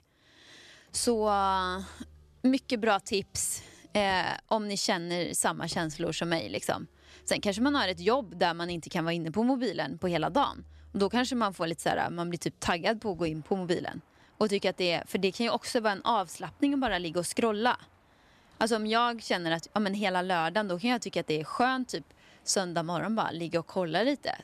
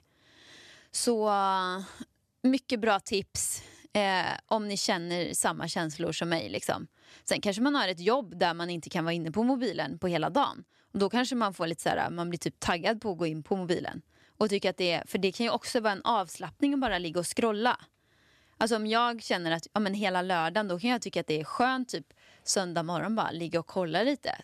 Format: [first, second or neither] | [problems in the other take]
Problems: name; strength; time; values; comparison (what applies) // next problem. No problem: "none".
second | traffic noise; faint; throughout; 30 dB below the speech